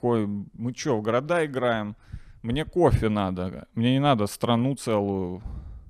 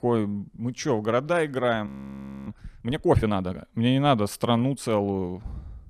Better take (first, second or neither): first